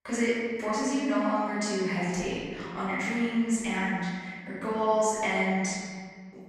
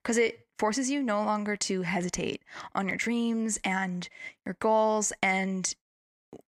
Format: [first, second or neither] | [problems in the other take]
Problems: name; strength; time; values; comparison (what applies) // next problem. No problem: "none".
second | off-mic speech; far // room echo; strong; dies away in 1.8 s